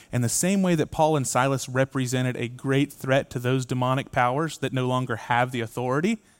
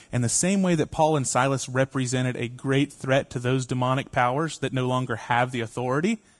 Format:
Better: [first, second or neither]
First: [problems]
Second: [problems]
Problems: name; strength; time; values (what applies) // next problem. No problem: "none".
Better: first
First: none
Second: garbled, watery; slightly; nothing above 10 kHz